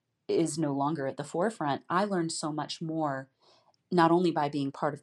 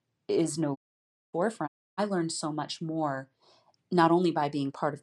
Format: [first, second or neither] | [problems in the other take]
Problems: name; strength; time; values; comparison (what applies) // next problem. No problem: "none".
first | audio cutting out; at 1 s for 0.5 s and at 1.5 s